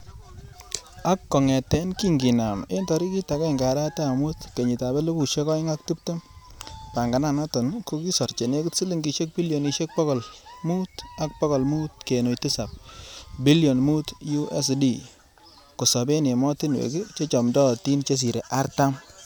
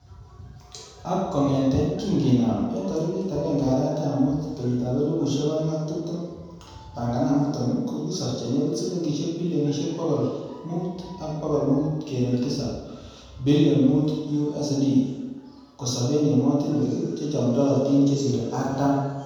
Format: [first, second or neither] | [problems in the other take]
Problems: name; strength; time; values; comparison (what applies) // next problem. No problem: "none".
first | room echo; dies away in 1.2 s